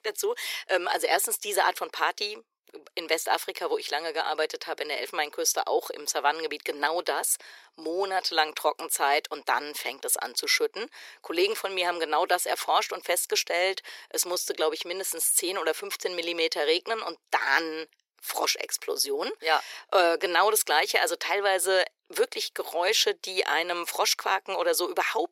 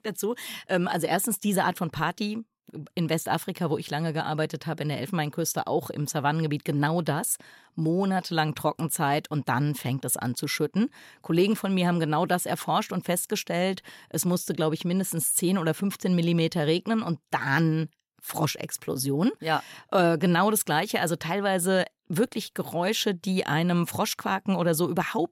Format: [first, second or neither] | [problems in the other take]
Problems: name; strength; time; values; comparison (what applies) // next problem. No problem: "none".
second | thin; very; fading below 400 Hz